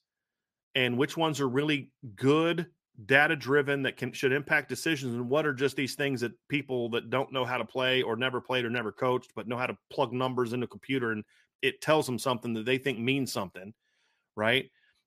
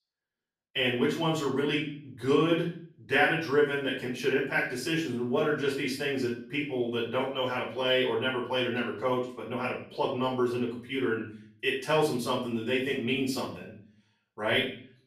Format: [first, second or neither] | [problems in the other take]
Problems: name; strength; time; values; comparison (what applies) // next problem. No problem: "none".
first | room echo; noticeable; dies away in 0.4 s // off-mic speech; far